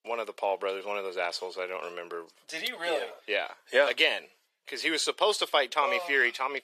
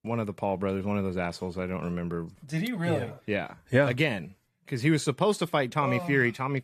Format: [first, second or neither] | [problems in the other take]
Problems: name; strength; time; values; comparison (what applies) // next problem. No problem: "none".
second | thin; very; fading below 450 Hz